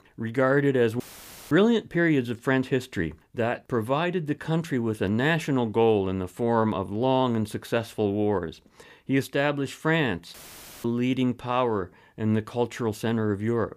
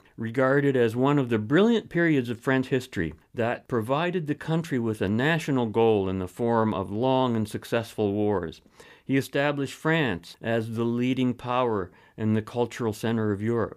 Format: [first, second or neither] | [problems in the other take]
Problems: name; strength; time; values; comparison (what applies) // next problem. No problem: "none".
second | audio cutting out; filled with static; at 1 s for 0.5 s and at 10 s for 0.5 s